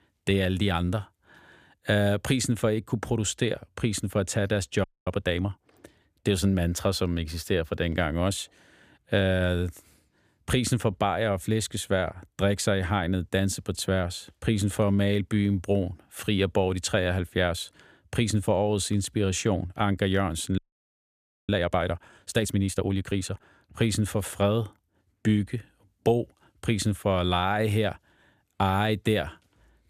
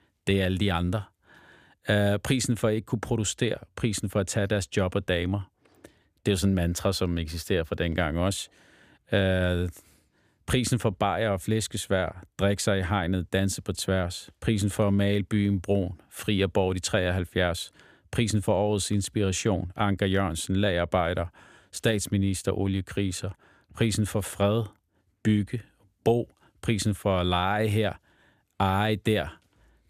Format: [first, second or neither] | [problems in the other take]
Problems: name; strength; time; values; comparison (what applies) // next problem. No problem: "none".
second | audio freezing; at 5 s and at 21 s for 1 s